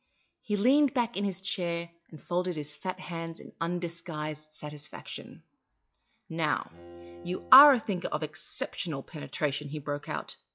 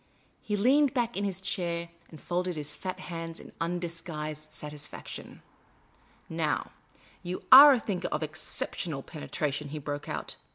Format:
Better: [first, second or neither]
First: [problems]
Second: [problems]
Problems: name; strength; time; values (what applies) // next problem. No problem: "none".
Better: second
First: noise reduction (classical method log-MMSE)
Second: none